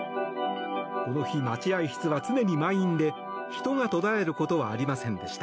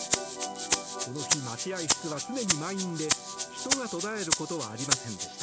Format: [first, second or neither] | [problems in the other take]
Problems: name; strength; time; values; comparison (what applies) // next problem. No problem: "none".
first | background sound (Rattle (instrument)); 4 dB above the speech